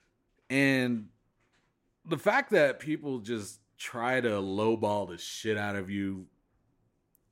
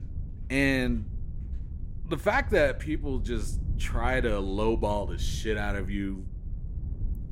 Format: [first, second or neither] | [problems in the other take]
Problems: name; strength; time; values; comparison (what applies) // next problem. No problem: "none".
first | wind noise on the microphone; occasional gusts; 25 dB below the speech